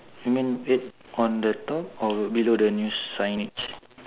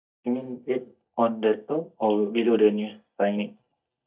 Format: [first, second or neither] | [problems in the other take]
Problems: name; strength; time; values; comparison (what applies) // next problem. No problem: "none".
first | noise reduction (neural mask model DeepFilterNet 3)